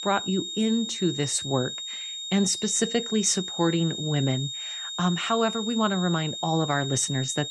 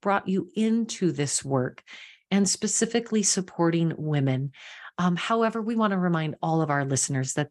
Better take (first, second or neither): second